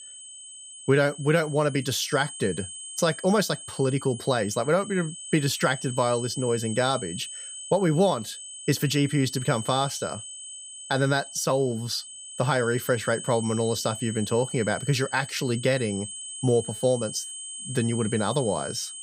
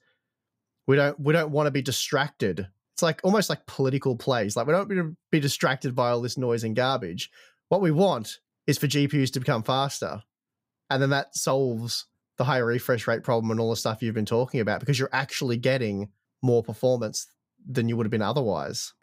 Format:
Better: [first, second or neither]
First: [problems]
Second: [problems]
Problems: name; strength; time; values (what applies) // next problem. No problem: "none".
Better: second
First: high-pitched whine; noticeable; throughout; 8 kHz, 10 dB below the speech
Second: none